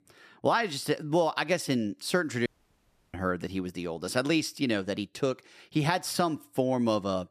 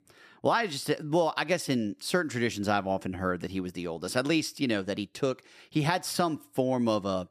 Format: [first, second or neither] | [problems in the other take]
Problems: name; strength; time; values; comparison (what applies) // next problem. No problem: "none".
second | audio cutting out; at 2.5 s for 0.5 s